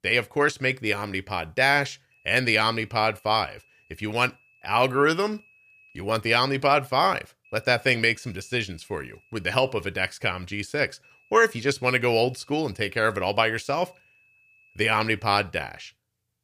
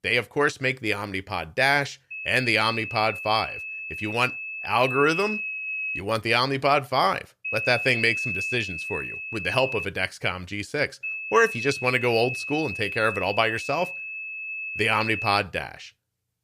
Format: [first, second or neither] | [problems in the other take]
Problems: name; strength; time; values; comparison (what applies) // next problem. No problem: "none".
first | high-pitched whine; loud; from 2 to 6 s, from 7.5 to 10 s and from 11 to 15 s; 2.5 kHz, 6 dB below the speech; faint in the first